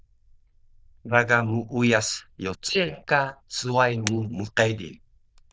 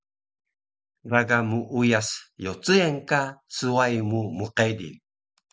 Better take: second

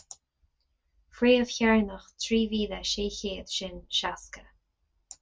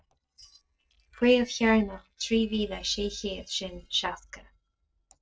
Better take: first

